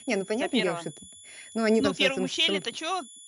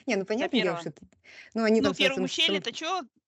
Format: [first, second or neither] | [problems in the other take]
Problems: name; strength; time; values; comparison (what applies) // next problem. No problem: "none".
second | high-pitched whine; noticeable; throughout; 10.5 kHz, 20 dB below the speech